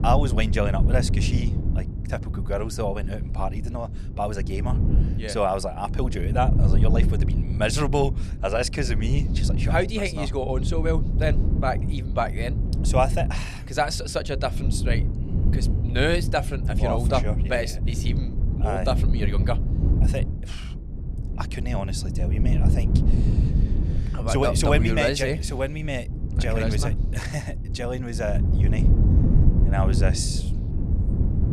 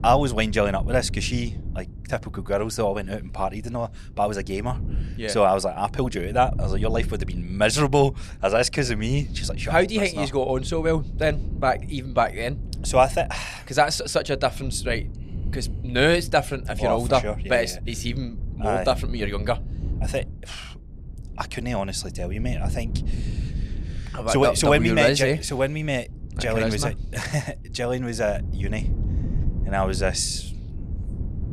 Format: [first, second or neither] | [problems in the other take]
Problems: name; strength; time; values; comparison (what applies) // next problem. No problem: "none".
second | low rumble; loud; throughout; 10 dB below the speech; faint in the second